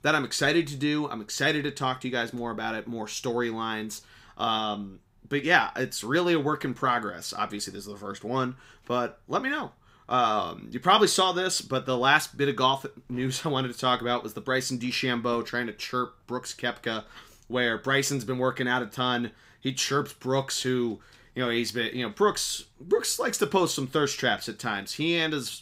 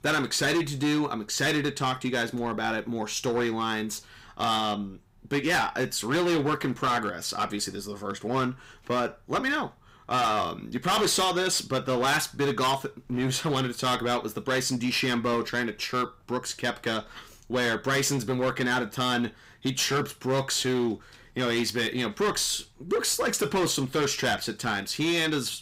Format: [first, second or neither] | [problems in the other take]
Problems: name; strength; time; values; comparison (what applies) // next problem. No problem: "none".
first | distortion; heavy; 12% of the sound clipped